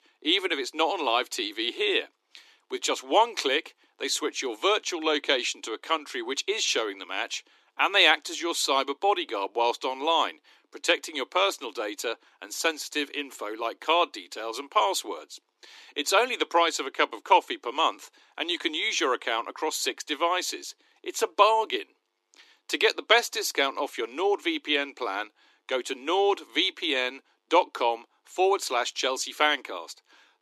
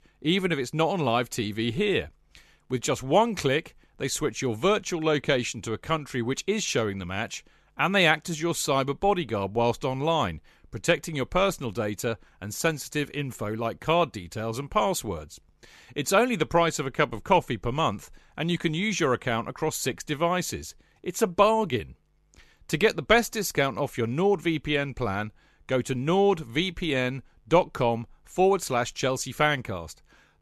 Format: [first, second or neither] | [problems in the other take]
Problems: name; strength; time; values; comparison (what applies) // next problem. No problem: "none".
second | thin; somewhat; fading below 300 Hz